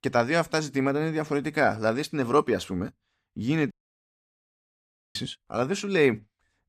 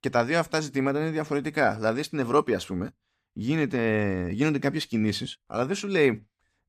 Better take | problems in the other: second | audio cutting out; at 3.5 s for 1.5 s

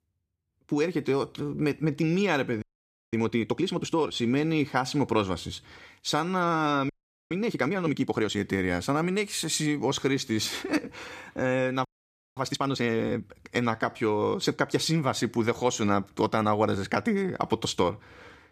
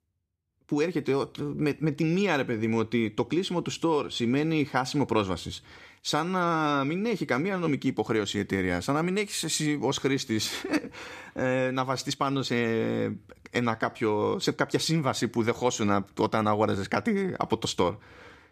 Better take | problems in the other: second | audio freezing; at 2.5 s for 0.5 s, at 7 s and at 12 s for 0.5 s

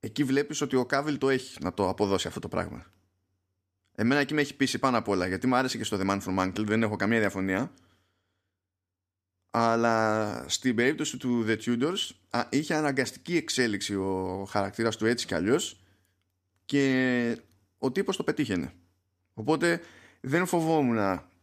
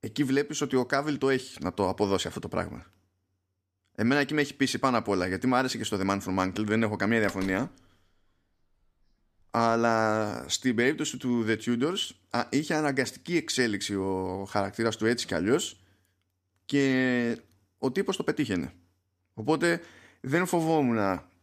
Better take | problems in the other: first | door banging; faint; from 7.5 to 9.5 s; peak 15 dB below the speech

